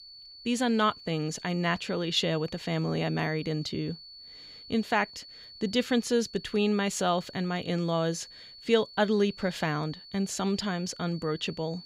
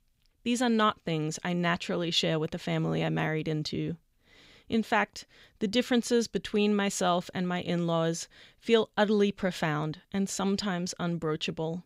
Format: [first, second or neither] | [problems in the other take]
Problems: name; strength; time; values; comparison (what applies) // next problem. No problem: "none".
second | high-pitched whine; noticeable; throughout; 4.5 kHz, 15 dB below the speech